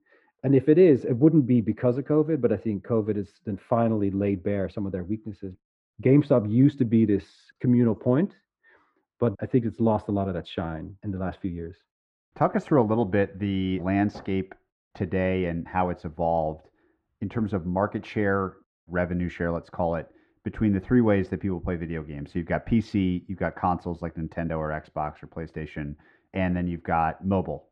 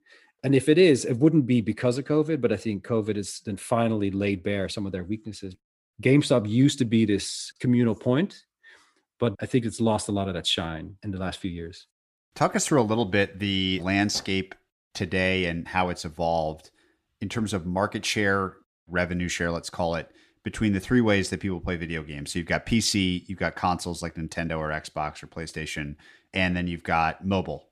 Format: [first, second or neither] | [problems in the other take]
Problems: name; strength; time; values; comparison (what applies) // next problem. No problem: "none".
second | muffled; very; fading above 3.5 kHz